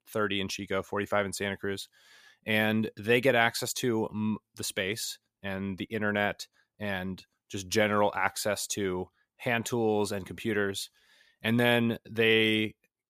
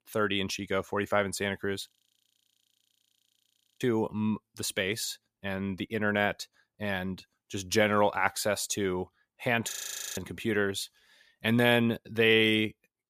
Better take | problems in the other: first | audio freezing; at 2 s for 2 s and at 9.5 s

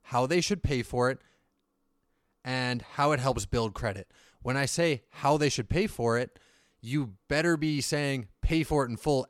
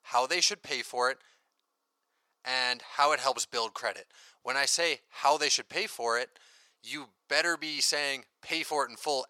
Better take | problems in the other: first | thin; very; fading below 800 Hz

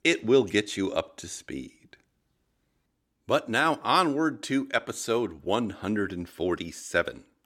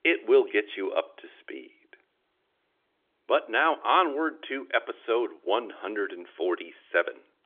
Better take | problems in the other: first | phone-call audio; nothing above 3.5 kHz

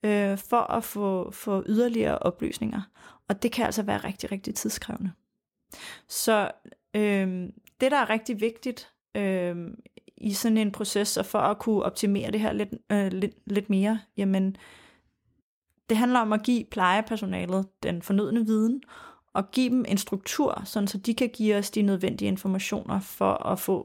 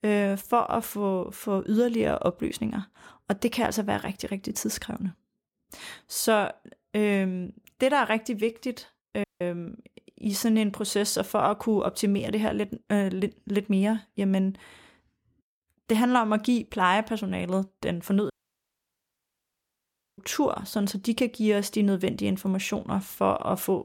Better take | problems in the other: first | audio cutting out; at 9 s and at 18 s for 2 s

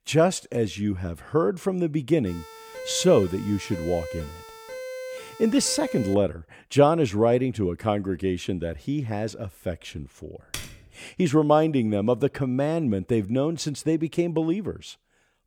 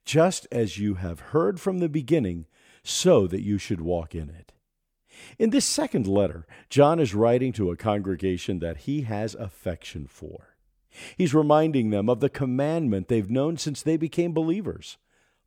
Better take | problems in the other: second | siren; faint; from 2.5 to 6 s; peak 10 dB below the speech // keyboard typing; faint; at 11 s; peak 10 dB below the speech

